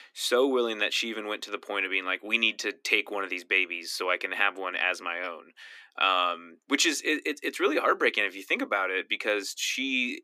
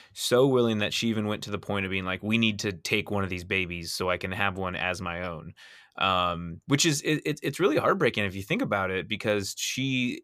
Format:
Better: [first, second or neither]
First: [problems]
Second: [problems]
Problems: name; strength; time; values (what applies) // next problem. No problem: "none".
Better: second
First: thin; somewhat; fading below 250 Hz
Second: none